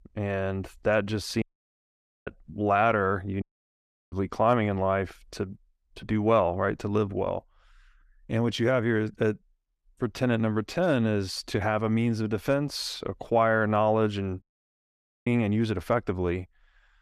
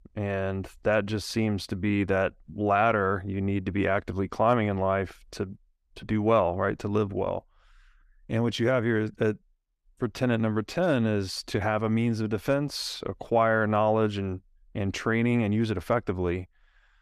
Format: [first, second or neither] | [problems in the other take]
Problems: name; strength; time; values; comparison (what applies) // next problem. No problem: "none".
second | audio cutting out; at 1.5 s for 1 s, at 3.5 s for 0.5 s and at 14 s for 1 s